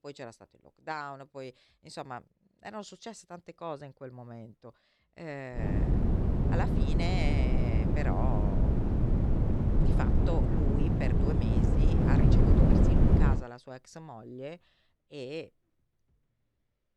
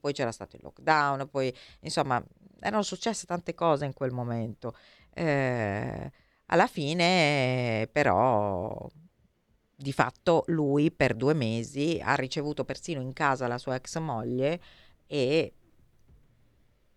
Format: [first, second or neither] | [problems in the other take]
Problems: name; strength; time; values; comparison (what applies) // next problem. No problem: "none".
second | wind noise on the microphone; heavy; from 5.5 to 13 s; 4 dB above the speech